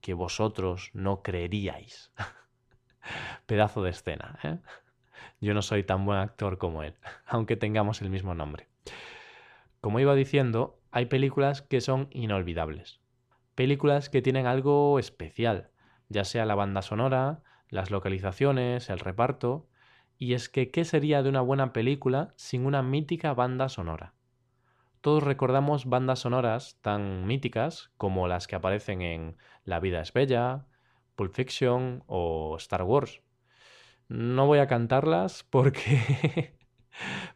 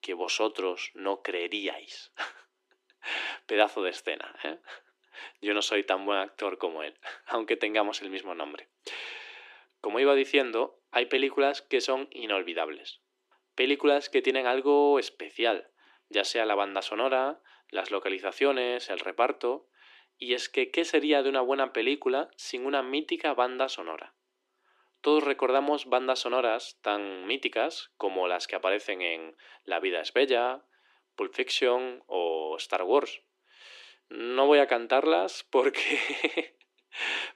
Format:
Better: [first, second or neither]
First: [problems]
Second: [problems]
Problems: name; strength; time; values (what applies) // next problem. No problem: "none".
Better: first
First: none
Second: thin; somewhat; fading below 300 Hz